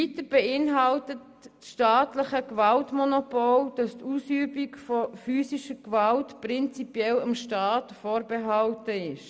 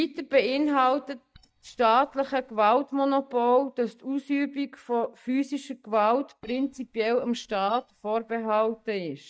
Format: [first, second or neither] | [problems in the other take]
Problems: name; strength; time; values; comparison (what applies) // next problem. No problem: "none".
first | noise reduction (neural mask model DeepFilterNet 3)